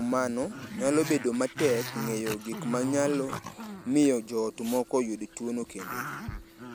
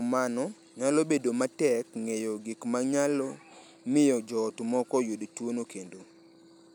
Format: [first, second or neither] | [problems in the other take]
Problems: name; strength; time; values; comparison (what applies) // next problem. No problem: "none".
second | background sound (Growling); 11 dB below the speech